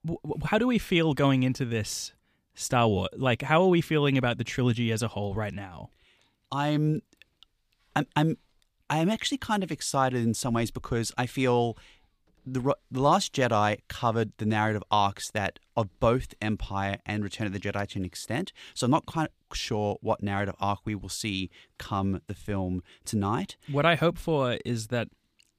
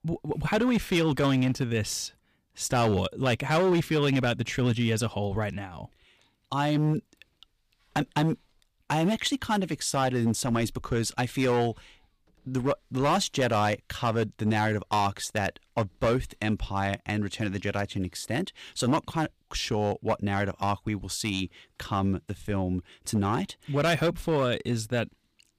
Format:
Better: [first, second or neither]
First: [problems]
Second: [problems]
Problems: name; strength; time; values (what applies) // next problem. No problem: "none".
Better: first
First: none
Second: distortion; slight; 5% of the sound clipped